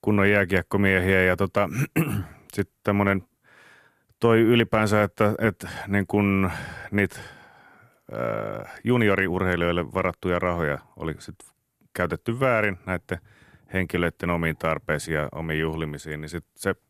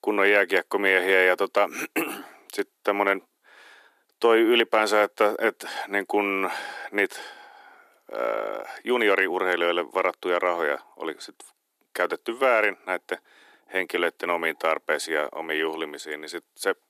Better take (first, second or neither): first